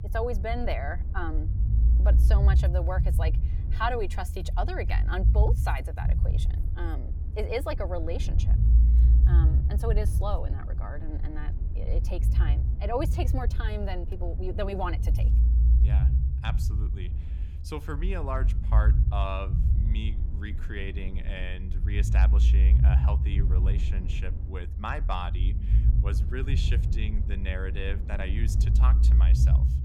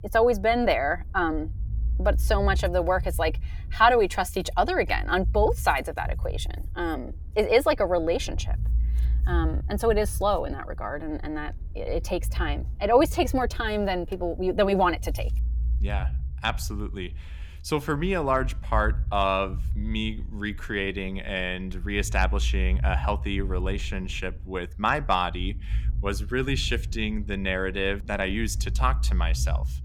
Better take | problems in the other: second | low rumble; loud; throughout; 8 dB below the speech; faint in the second

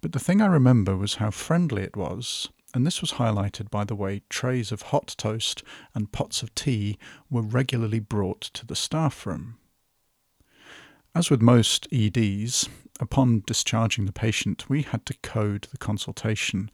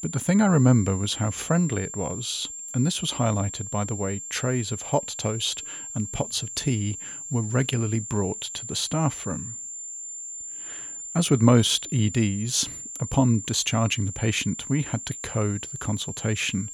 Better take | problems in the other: first | high-pitched whine; loud; throughout; 7.5 kHz, 9 dB below the speech

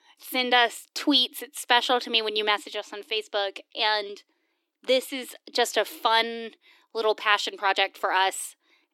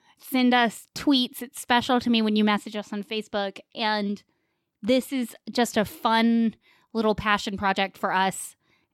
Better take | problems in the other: second | thin; somewhat; fading below 300 Hz

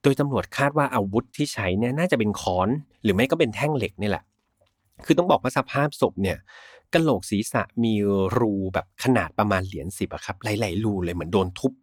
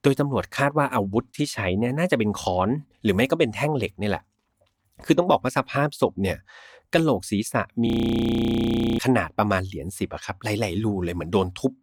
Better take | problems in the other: first | audio freezing; at 8 s for 1 s

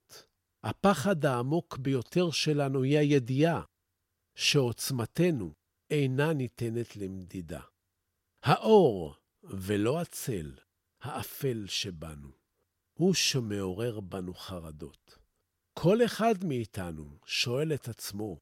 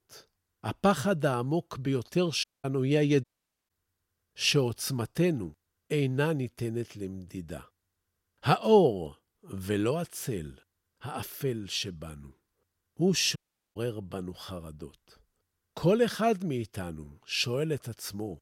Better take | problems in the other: first | audio cutting out; at 2.5 s, at 3 s and at 13 s

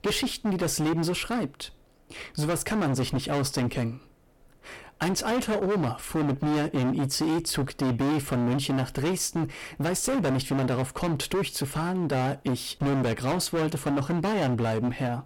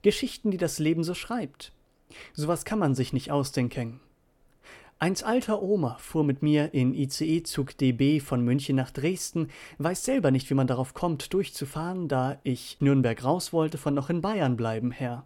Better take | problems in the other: second | distortion; heavy; 26% of the sound clipped

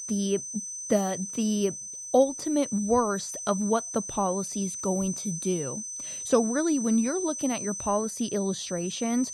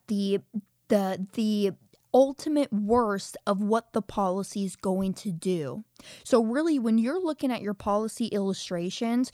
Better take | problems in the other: second | high-pitched whine; loud; throughout; 6 kHz, 6 dB below the speech

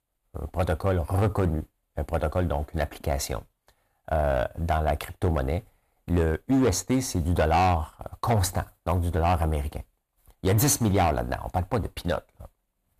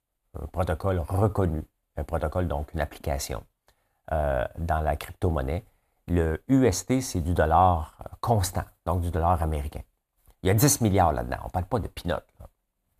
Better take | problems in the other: second | distortion; slight; 4% of the sound clipped

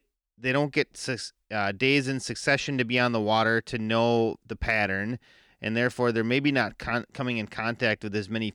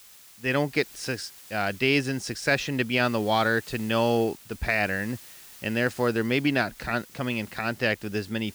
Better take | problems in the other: first | hiss; noticeable; throughout; 20 dB below the speech

